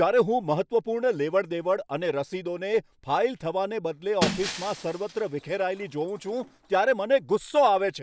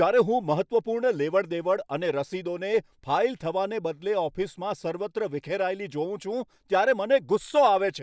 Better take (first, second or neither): second